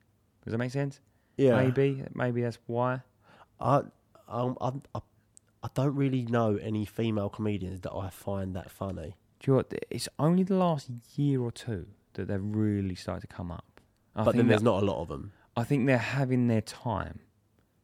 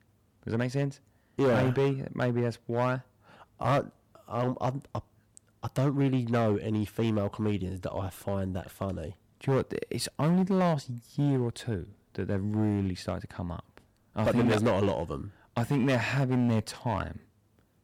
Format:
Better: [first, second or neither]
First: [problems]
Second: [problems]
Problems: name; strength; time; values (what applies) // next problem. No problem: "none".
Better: first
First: none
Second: distortion; slight; 6% of the sound clipped